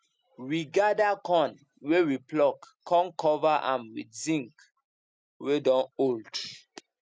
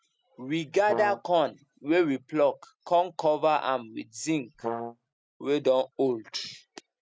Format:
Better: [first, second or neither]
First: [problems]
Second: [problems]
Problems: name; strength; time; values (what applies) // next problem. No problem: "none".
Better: first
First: none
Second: background sound (Brass instrument); 7 dB below the speech